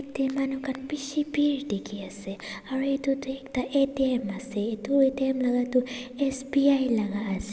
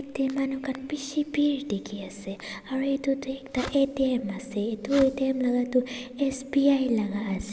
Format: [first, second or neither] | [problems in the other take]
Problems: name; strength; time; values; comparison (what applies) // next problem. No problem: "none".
first | background sound (Fireworks); 16 dB below the speech